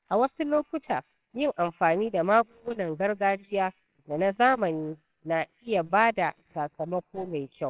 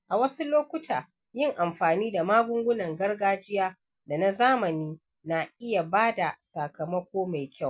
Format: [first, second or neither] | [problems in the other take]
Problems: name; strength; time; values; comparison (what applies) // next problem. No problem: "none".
second | noise reduction (neural separator model SepFormer WHAMR!)